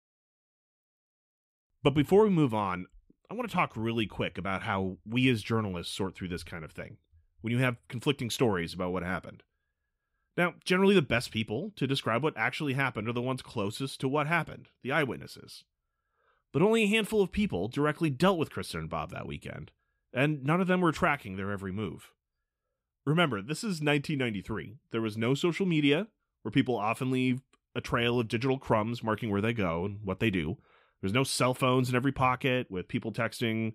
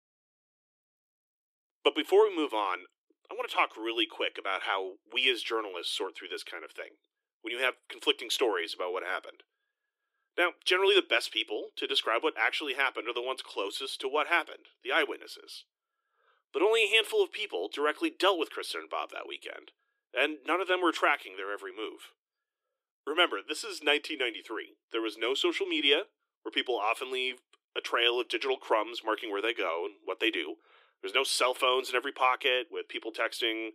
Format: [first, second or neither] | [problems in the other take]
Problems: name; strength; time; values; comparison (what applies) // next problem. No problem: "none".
first | thin; very; fading below 300 Hz